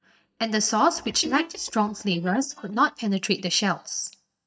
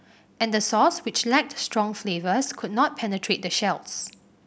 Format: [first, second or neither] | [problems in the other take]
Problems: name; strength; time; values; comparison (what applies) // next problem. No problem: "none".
second | noise reduction (neural mask model DeepFilterNet 3)